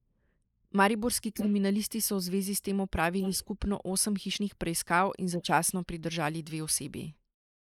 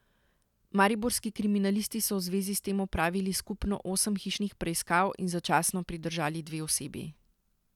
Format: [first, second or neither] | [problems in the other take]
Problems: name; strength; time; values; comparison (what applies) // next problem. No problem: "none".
second | noise reduction (neural mask model Resemble Enhance denoiser)